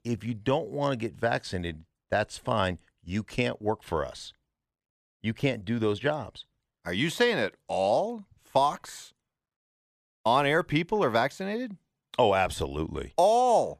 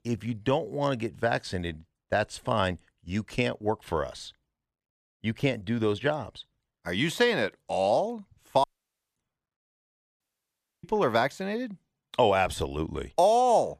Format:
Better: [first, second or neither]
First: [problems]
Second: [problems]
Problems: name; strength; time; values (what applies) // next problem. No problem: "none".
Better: first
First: none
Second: audio cutting out; at 8.5 s for 0.5 s and at 10 s for 0.5 s